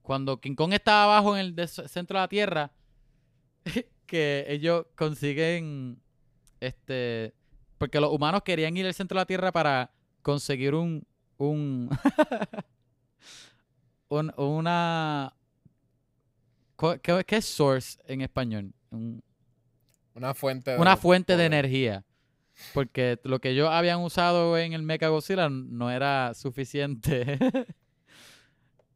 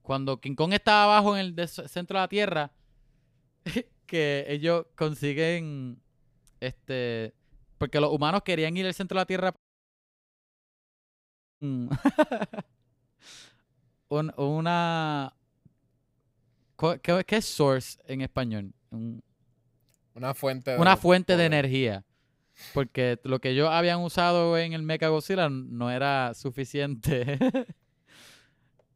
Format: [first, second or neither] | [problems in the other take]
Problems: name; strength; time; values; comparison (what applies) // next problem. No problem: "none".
first | audio cutting out; at 9.5 s for 2 s